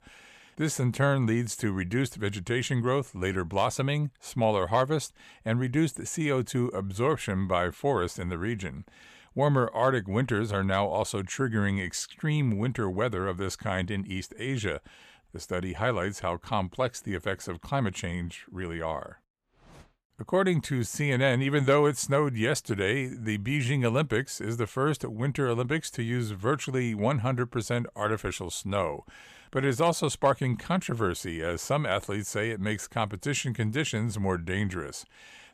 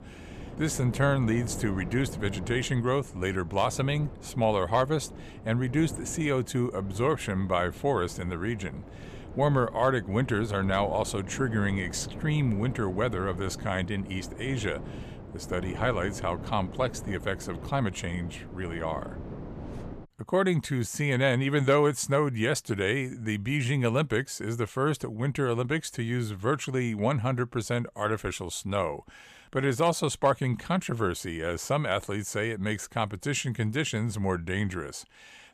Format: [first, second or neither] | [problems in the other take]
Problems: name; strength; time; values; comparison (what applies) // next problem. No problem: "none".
first | wind noise on the microphone; occasional gusts; until 20 s; 15 dB below the speech